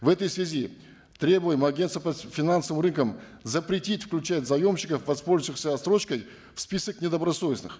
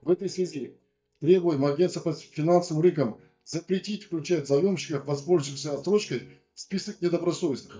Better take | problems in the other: first | noise reduction (neural mask model DeepFilterNet 3)

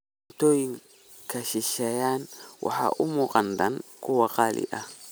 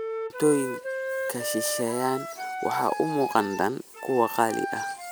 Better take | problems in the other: first | background sound (Wind instrument, woodwind instrument); 6 dB below the speech

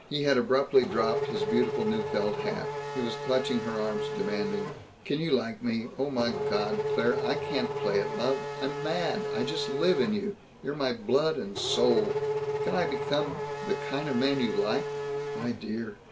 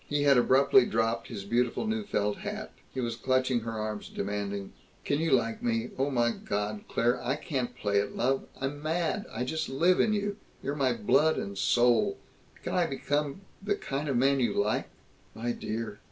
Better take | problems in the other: second | background sound (Race car, auto racing / Accelerating, revving, vroom); 3 dB below the speech

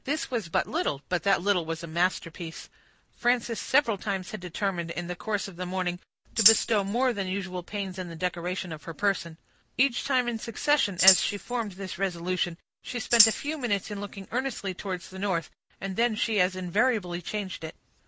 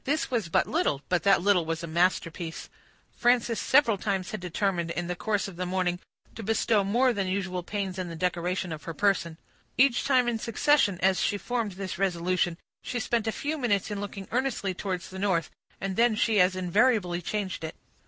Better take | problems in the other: second | background sound (Tambourine); as loud as the speech

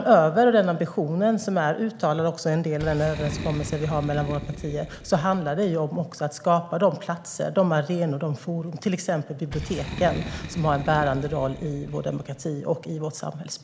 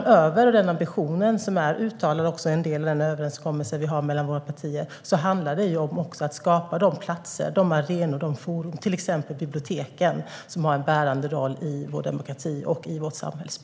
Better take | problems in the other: second | background sound (Boom); 14 dB below the speech

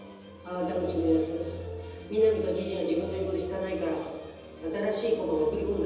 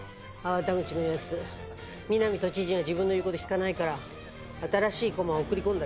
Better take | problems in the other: second | room echo; dies away in 1.1 s

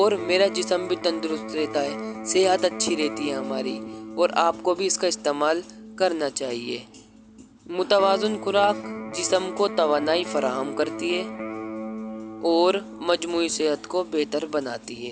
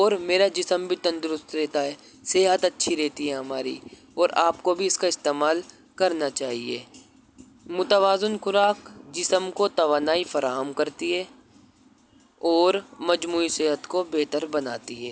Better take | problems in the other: second | background sound (Electric guitar); 11 dB below the speech

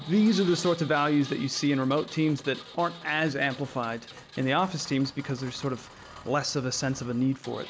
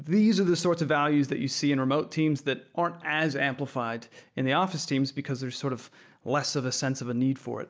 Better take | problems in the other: second | background sound (Engine); 17 dB below the speech

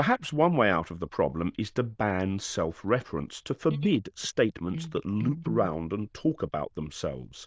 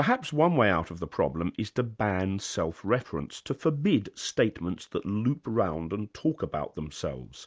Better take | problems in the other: second | noise reduction (neural diffusion model UNIVERSE++)

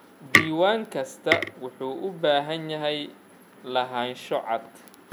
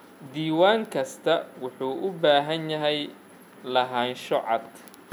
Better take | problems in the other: second | background sound (Tick); 1 dB above the speech

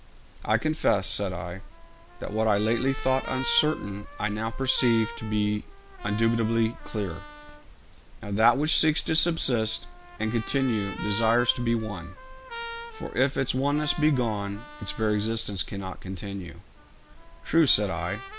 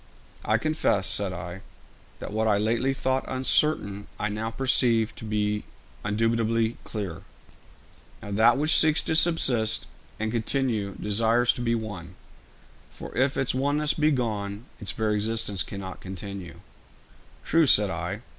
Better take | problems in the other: second | background sound (Trumpet); 15 dB below the speech

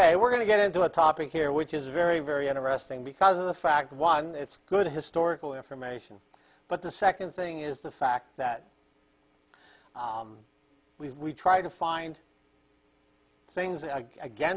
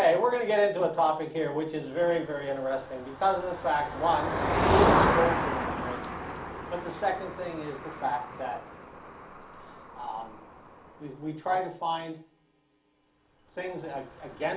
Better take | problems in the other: first | background sound (Motor vehicle (road)); 2 dB below the speech // room echo; dies away in 0.4 s

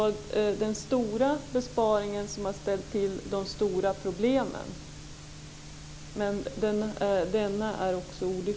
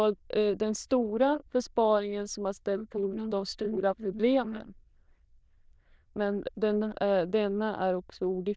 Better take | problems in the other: first | noise reduction (neural diffusion model UNIVERSE++)

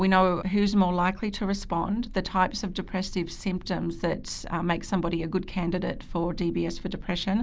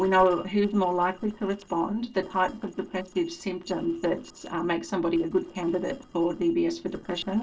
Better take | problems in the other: first | noise reduction (neural separator model SepFormer DNS4)

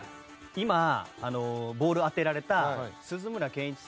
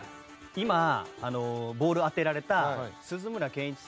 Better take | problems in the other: first | background sound (Bowed string instrument); 20 dB below the speech

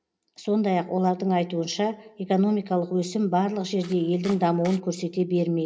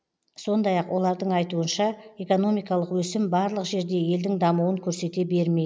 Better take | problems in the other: second | background sound (Domestic sounds, home sounds); 19 dB below the speech // room echo; dies away in 0.3 s

